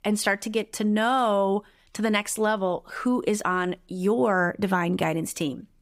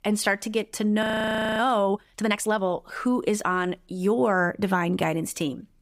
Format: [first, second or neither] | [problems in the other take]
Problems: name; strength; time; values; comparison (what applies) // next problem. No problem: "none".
first | audio freezing; at 1 s for 0.5 s